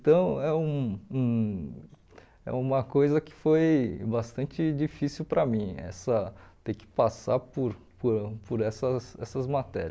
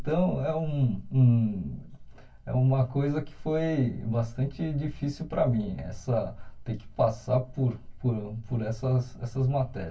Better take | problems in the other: first | room echo; dies away in 0.1 s

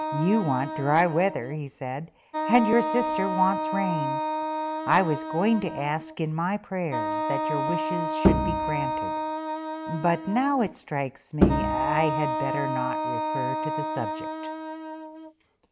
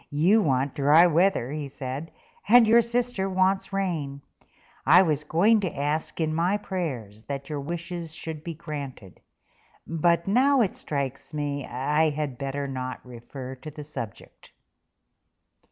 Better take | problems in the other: second | background sound (Wind instrument, woodwind instrument + Bowed string instrument); 1 dB below the speech

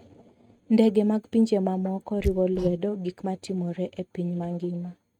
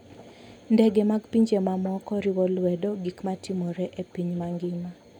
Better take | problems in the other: second | noise reduction (neural mask model RNNoise)

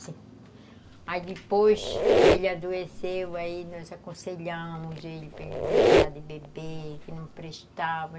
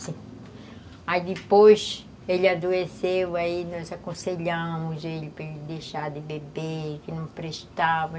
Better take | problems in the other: second | background sound (Squeak); 5 dB above the speech

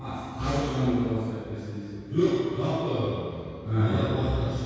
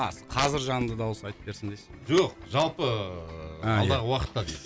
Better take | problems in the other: second | room echo; dies away in 2 s

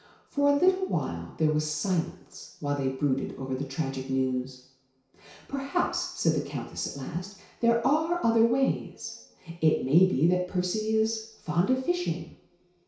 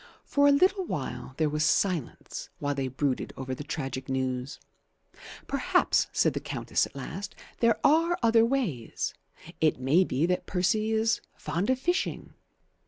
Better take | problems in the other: second | room echo; dies away in 0.6 s

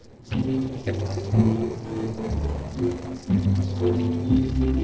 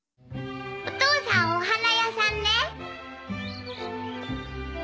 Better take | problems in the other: second | noise reduction (neural separator model SepFormer DNS4)

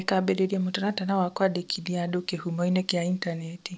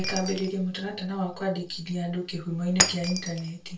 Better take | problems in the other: first | background sound (Shatter); 4 dB below the speech // room echo; dies away in 0.2 s

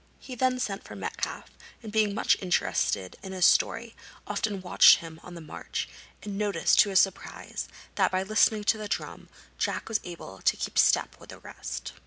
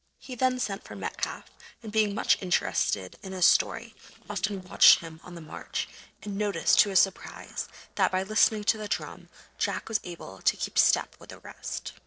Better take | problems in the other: first | noise reduction (neural separator model SepFormer DNS4)

